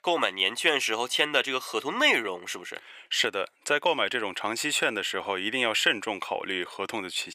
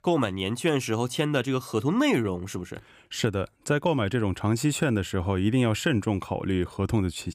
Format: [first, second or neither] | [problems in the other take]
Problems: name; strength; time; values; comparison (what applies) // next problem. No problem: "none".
second | thin; very; fading below 600 Hz